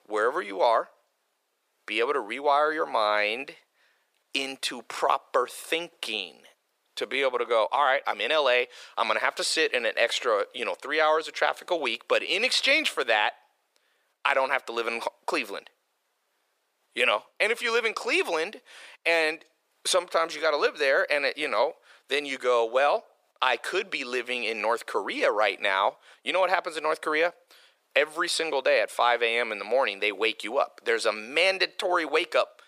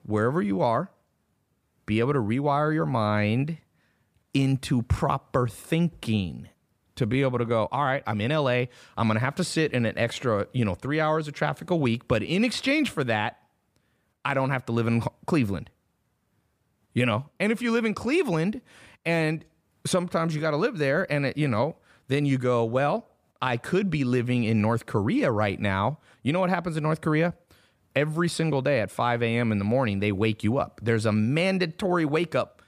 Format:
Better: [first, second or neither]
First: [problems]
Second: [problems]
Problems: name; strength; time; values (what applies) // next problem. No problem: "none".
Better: second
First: thin; very; fading below 450 Hz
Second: none